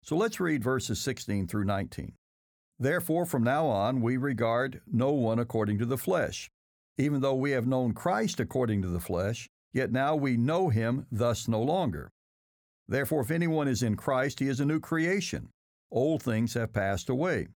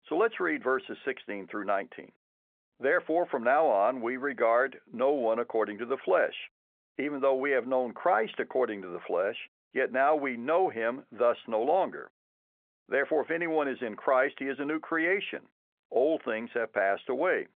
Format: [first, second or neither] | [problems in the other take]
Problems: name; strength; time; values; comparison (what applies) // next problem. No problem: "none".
first | phone-call audio